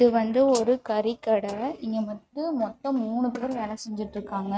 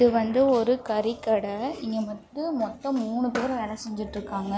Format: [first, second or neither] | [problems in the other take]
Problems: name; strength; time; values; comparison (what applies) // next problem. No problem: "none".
second | noise reduction (neural mask model RNNoise)